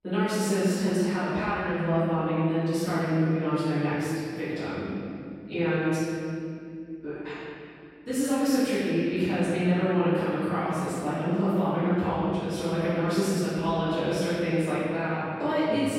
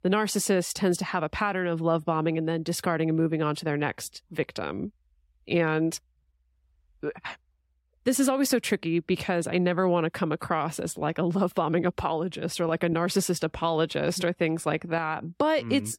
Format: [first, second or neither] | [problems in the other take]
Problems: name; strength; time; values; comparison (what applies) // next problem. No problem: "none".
second | room echo; strong; dies away in 2.6 s // off-mic speech; far